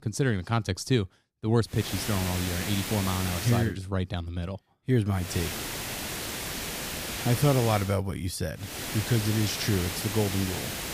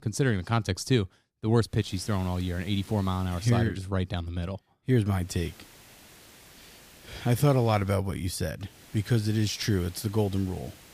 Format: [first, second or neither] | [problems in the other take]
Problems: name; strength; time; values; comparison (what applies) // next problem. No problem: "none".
second | hiss; loud; from 2 to 3.5 s, from 5.5 to 8 s and from 8.5 s on; 4 dB below the speech; faint in the second